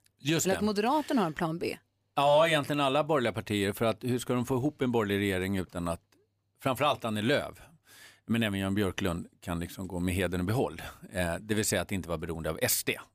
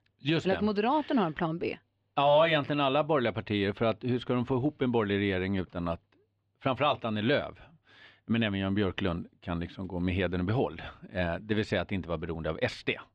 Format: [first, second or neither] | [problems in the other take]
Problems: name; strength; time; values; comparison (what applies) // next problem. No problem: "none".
first | muffled; slightly; fading above 3.5 kHz